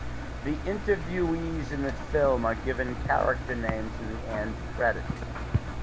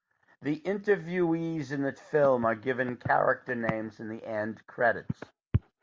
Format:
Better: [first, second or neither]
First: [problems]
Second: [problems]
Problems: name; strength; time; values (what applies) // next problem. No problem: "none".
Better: second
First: background sound (Engine); 5 dB below the speech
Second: none